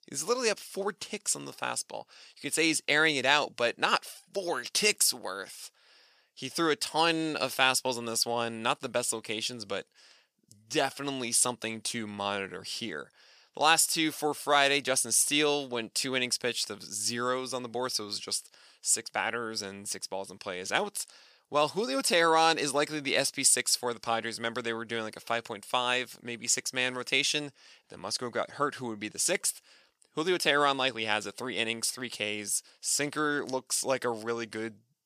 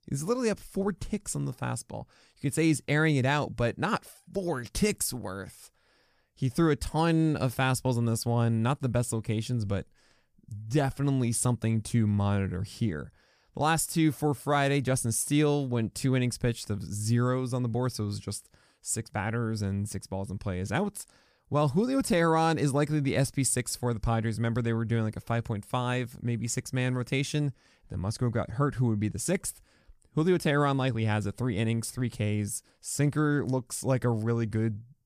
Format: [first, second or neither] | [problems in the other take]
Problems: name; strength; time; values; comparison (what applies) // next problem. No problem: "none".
second | thin; very; fading below 450 Hz